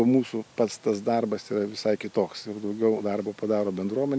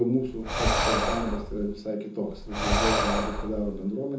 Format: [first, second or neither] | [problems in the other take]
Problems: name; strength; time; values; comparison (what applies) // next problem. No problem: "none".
first | background sound (Breathing); 2 dB above the speech // room echo; dies away in 0.6 s